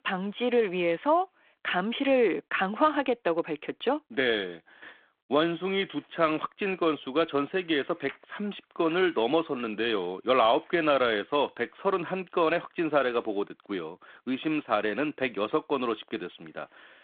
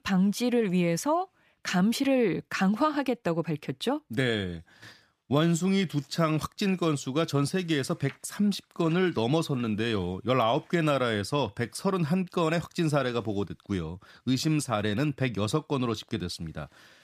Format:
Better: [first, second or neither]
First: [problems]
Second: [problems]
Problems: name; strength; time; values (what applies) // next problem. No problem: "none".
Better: second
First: phone-call audio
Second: none